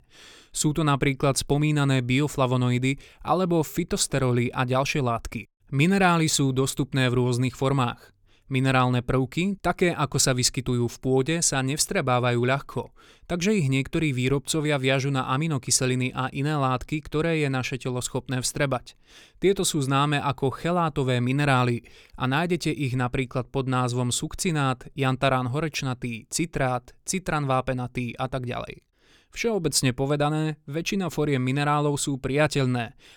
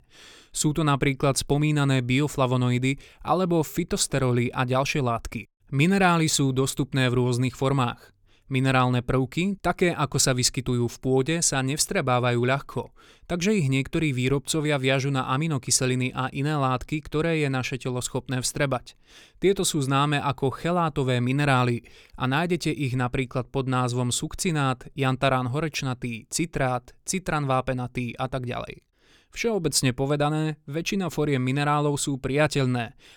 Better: neither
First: none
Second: none

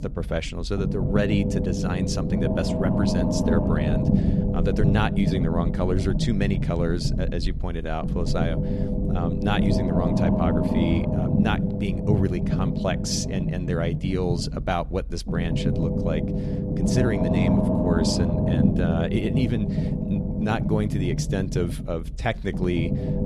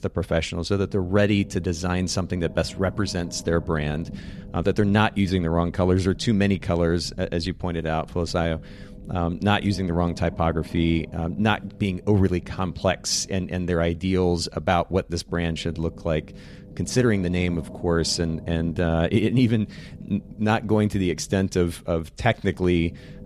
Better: second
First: low rumble; loud; throughout; 1 dB below the speech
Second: low rumble; faint; throughout; 20 dB below the speech

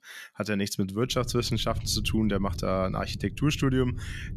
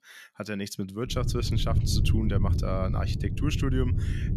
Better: first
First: low rumble; faint; from 1 s on; 20 dB below the speech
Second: low rumble; loud; from 1 s on; 7 dB below the speech

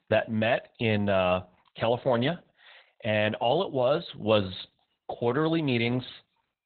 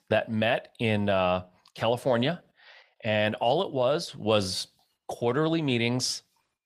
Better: second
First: garbled, watery; badly; nothing above 4 kHz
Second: garbled, watery; slightly

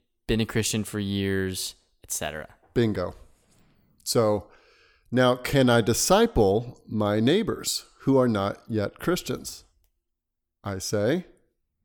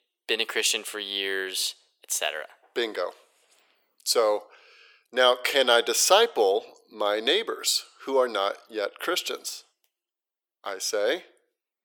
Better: first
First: none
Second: thin; very; fading below 450 Hz

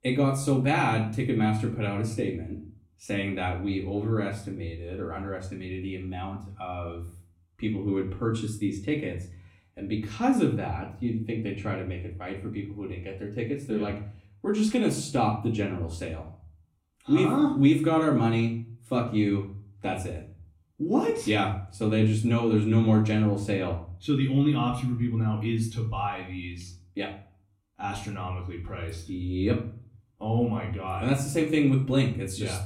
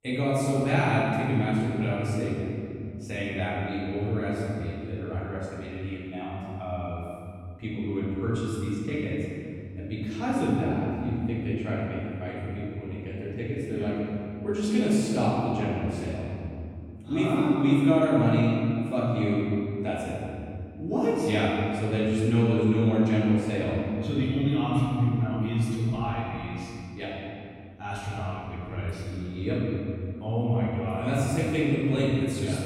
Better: first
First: room echo; slight; dies away in 0.4 s // off-mic speech; far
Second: room echo; strong; dies away in 2.5 s // off-mic speech; far

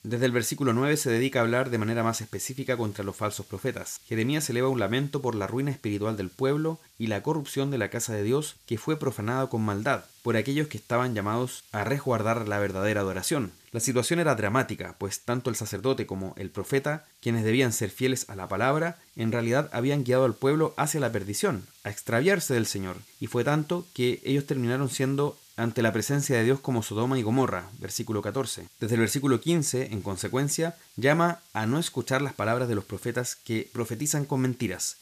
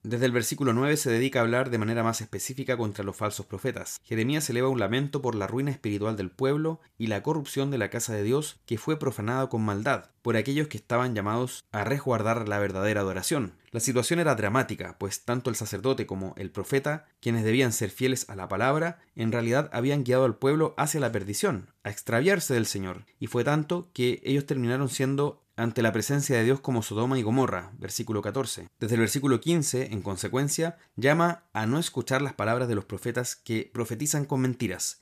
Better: second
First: hiss; faint; throughout; 25 dB below the speech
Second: none

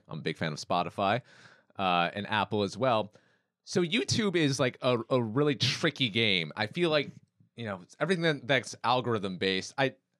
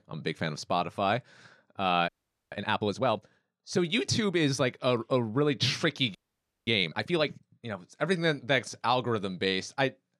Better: first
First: none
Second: audio freezing; at 2 s and at 6 s for 0.5 s

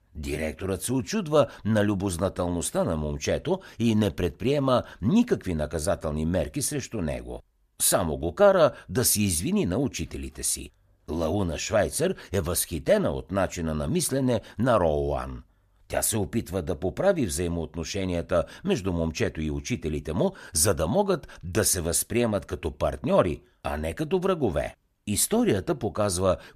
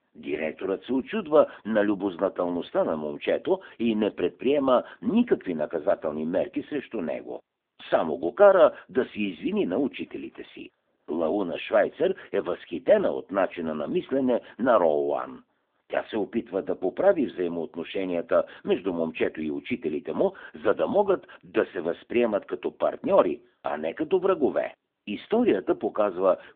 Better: first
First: none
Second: phone-call audio

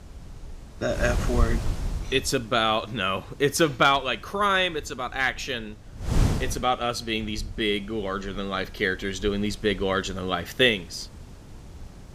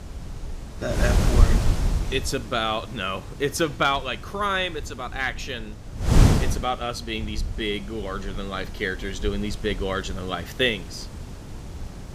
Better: first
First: wind noise on the microphone; occasional gusts; 20 dB below the speech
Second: wind noise on the microphone; heavy; 9 dB below the speech

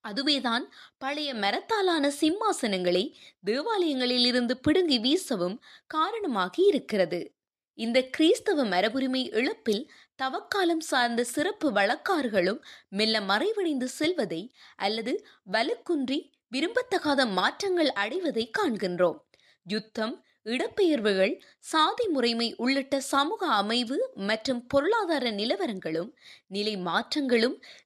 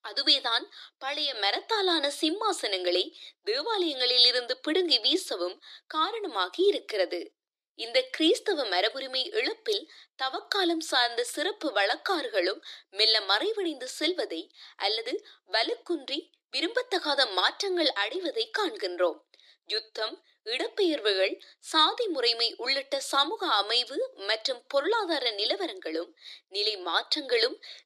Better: first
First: none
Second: thin; very; fading below 300 Hz

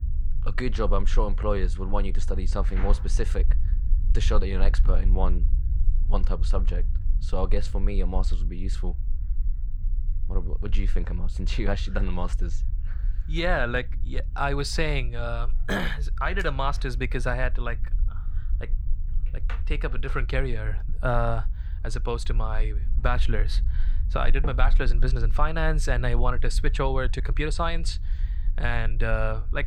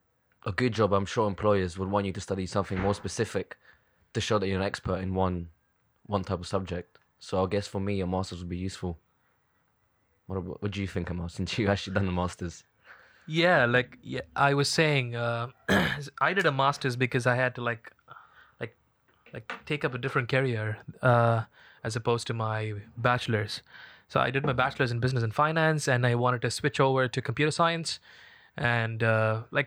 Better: second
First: low rumble; faint; throughout; 20 dB below the speech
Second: none

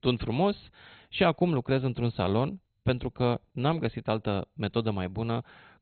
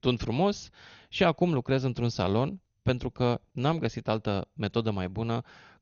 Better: second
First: garbled, watery; badly; nothing above 4 kHz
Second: garbled, watery; slightly; nothing above 6.5 kHz

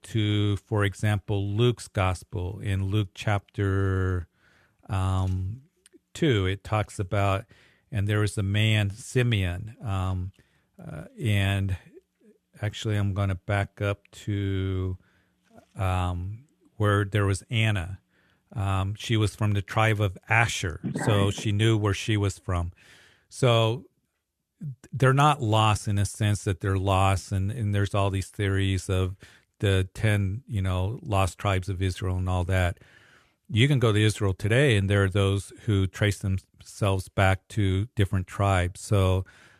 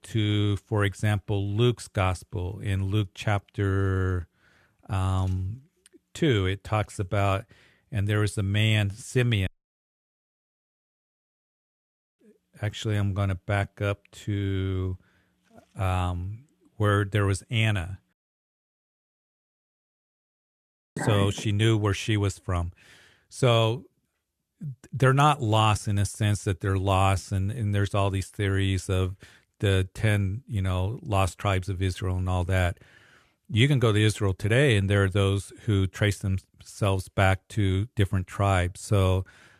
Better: first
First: none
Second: audio cutting out; at 9.5 s for 2.5 s and at 18 s for 3 s

